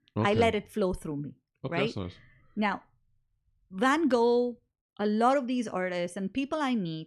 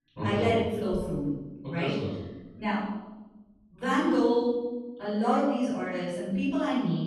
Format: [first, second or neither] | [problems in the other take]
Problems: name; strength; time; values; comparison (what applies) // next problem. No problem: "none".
first | off-mic speech; far // room echo; strong; dies away in 1 s